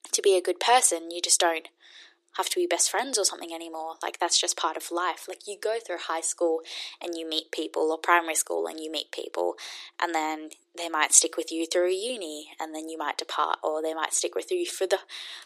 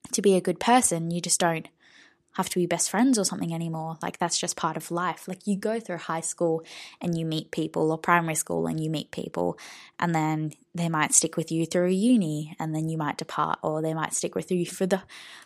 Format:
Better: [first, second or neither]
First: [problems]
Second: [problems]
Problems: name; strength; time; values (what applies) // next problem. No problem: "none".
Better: second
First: thin; very; fading below 350 Hz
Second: none